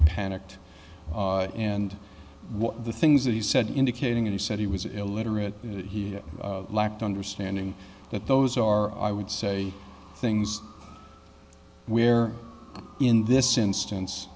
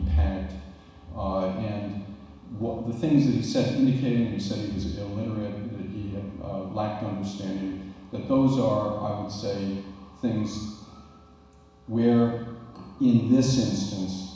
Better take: first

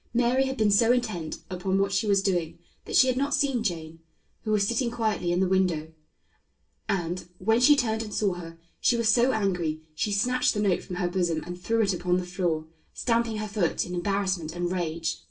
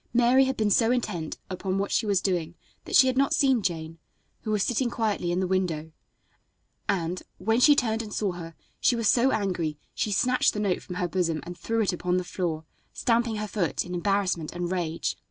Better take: second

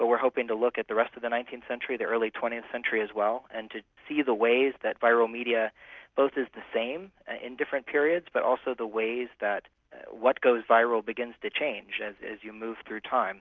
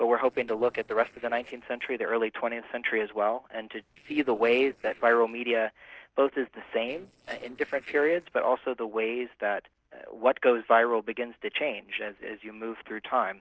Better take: first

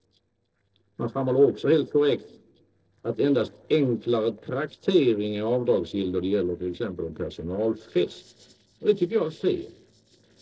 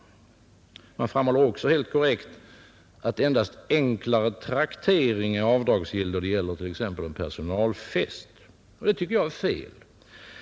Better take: second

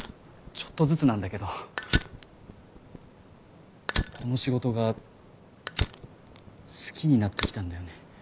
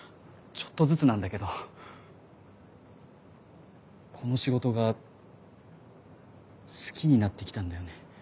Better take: second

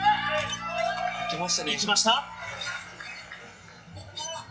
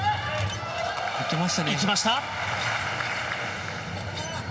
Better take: second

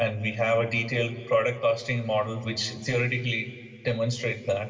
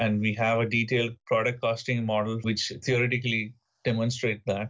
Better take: second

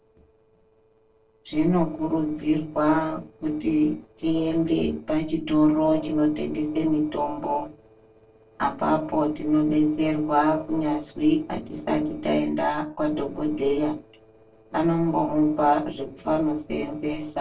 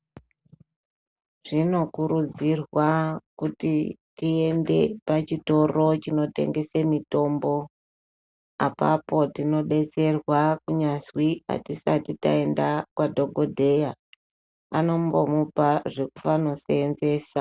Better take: second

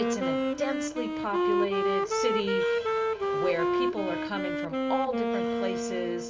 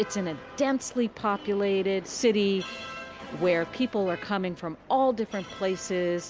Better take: second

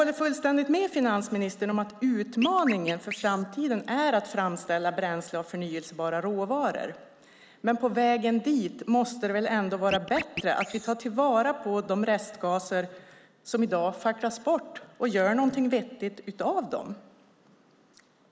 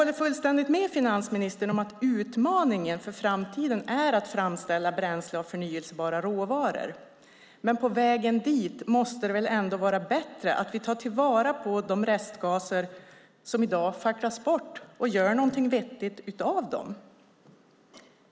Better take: second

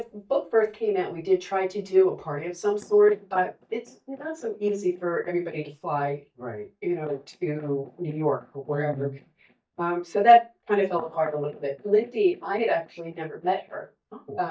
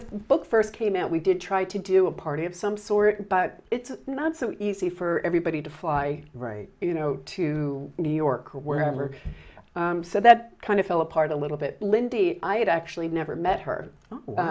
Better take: second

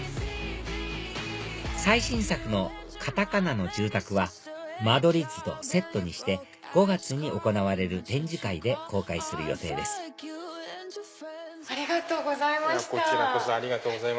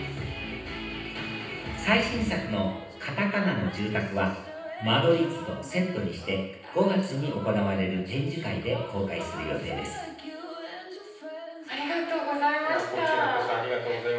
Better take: first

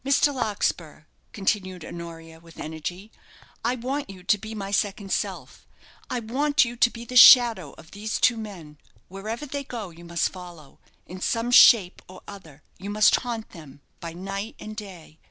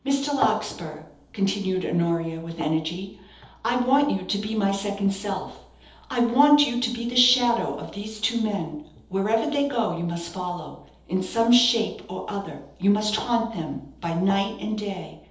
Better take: first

